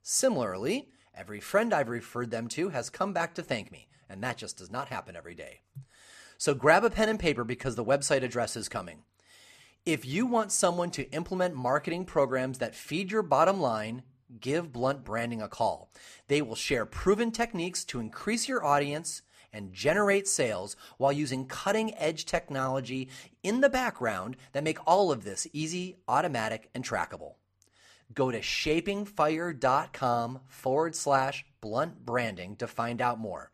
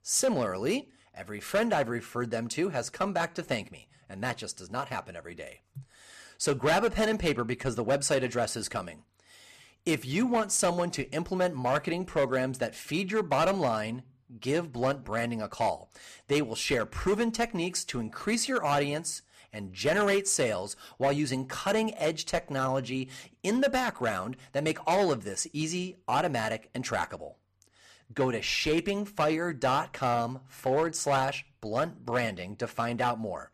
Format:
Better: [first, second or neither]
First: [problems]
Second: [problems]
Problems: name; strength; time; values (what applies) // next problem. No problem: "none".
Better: first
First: none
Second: distortion; slight; 4% of the sound clipped